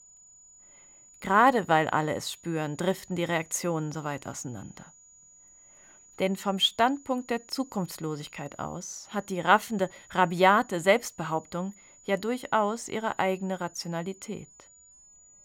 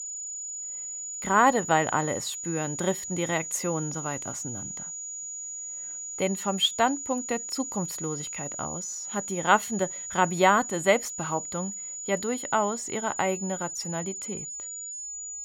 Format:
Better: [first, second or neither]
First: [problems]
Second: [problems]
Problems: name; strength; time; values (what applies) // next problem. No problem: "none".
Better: first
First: high-pitched whine; faint; throughout; 7 kHz, 25 dB below the speech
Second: high-pitched whine; loud; throughout; 7 kHz, 6 dB below the speech